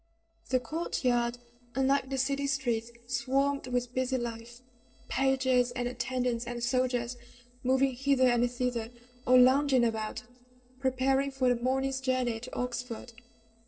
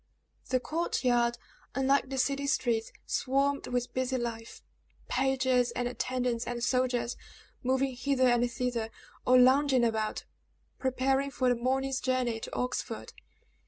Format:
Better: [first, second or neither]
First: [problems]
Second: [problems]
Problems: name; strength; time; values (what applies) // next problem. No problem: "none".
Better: second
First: noise reduction (neural separator model SepFormer DNS4)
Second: none